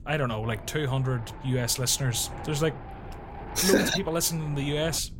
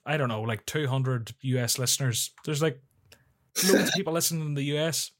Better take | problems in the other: second | wind noise on the microphone; occasional gusts; 15 dB below the speech

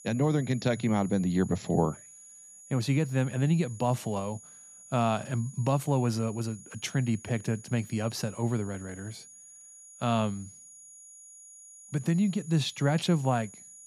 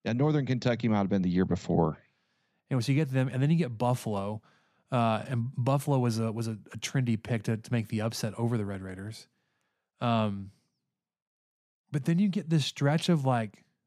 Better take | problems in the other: second | high-pitched whine; noticeable; throughout; 7 kHz, 20 dB below the speech

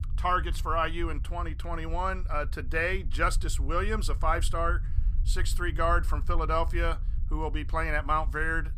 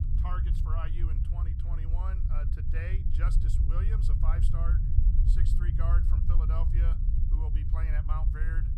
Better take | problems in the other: first | low rumble; loud; throughout; 3 dB below the speech; faint in the first

